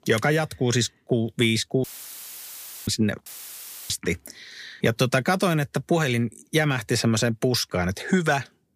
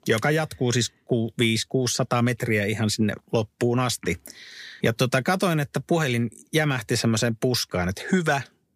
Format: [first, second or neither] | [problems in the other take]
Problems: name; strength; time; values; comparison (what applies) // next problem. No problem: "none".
second | audio cutting out; filled with static; at 2 s for 1 s and at 3.5 s for 0.5 s